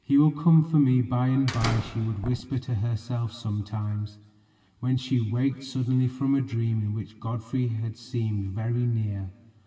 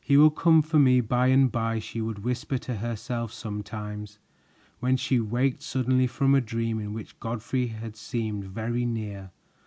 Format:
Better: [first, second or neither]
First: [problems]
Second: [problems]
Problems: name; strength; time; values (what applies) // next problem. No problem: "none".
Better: second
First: background sound (Slam); 8 dB below the speech // room echo; dies away in 1.4 s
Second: none